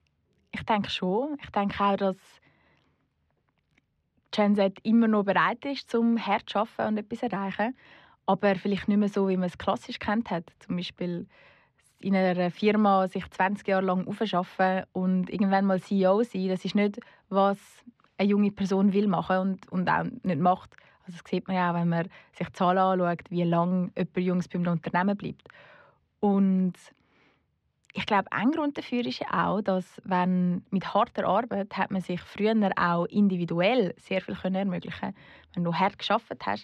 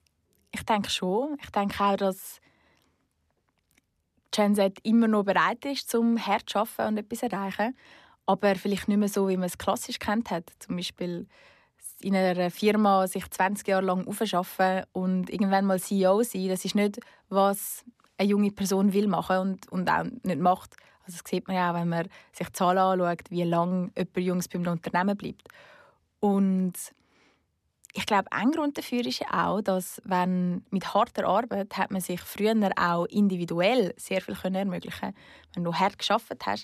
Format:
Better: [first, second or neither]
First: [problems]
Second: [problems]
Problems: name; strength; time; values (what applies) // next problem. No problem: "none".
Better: second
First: muffled; very slightly; fading above 3 kHz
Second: none